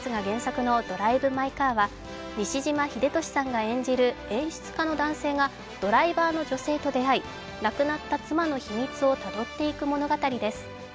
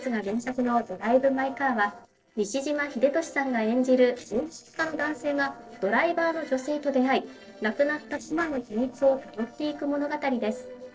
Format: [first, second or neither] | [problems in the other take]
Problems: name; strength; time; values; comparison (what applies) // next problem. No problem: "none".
first | noise reduction (neural separator model SepFormer DNS4)